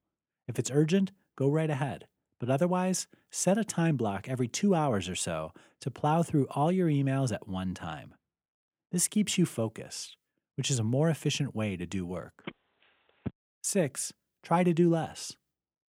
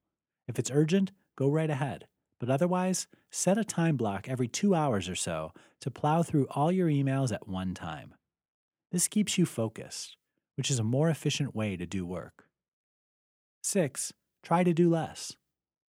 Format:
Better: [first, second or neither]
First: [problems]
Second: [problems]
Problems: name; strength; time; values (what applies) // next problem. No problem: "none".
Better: second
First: phone ringing; faint; at 12 s; peak 15 dB below the speech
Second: none